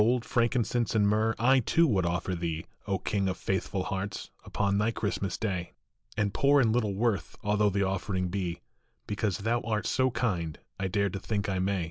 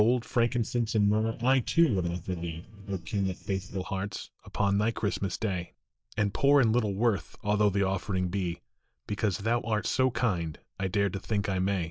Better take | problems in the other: first | noise reduction (neural mask model DeepFilterNet 3)

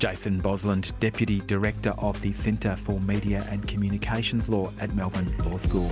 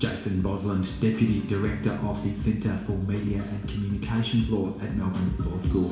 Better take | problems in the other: first | background sound (Bowed string instrument); 18 dB below the speech // room echo; dies away in 0.7 s

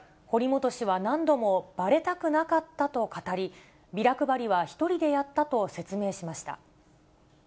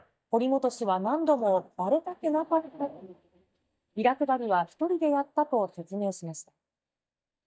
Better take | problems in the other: first | noise reduction (neural mask model DeepFilterNet 3)

